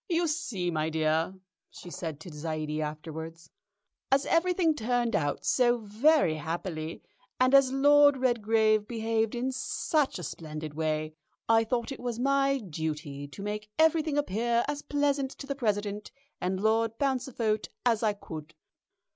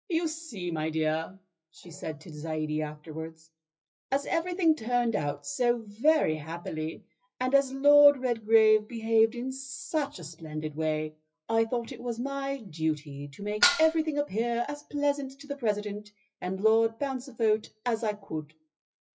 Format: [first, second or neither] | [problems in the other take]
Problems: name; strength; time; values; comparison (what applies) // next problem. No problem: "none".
first | noise reduction (classical method WPE with log-MMSE)